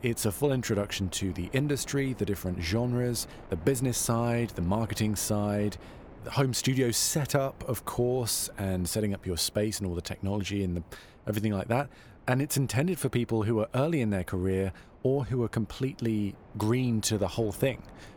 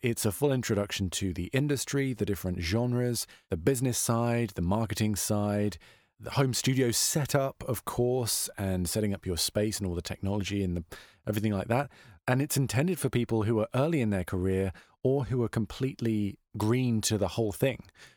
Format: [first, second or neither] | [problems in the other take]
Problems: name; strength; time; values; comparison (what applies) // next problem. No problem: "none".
second | wind noise on the microphone; occasional gusts; 20 dB below the speech